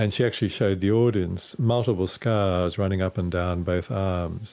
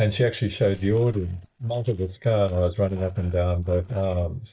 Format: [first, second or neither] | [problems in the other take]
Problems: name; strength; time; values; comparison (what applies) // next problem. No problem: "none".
first | noise reduction (neural mask model DeepFilterNet 3)